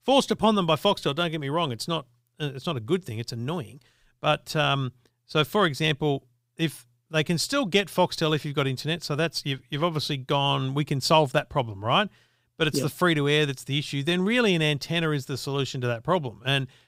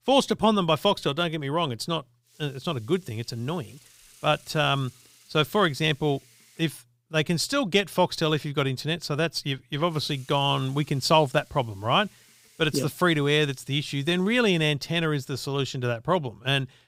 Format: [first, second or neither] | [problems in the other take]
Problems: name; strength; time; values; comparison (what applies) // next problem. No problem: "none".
first | hiss; faint; from 2.5 to 6.5 s and from 10 to 15 s; 30 dB below the speech